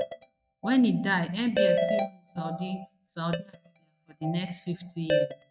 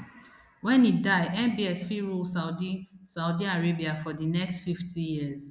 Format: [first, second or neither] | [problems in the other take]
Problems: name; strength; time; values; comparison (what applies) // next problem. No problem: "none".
second | noise reduction (neural mask model RNNoise)